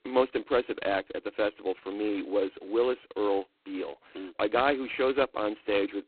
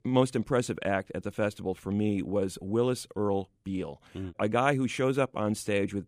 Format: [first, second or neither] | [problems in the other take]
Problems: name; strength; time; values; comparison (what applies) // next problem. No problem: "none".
second | phone-call audio; poor line; nothing above 4 kHz